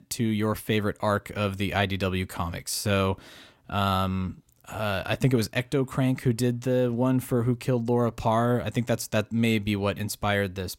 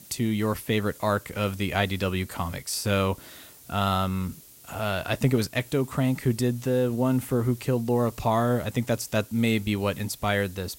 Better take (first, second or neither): first